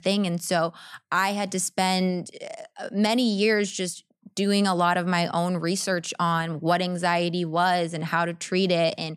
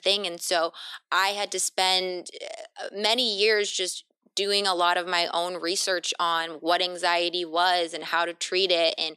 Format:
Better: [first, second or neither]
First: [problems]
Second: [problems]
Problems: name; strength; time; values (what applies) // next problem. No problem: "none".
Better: first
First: none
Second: thin; very; fading below 350 Hz